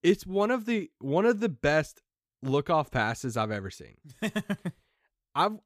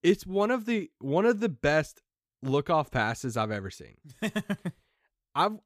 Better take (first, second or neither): neither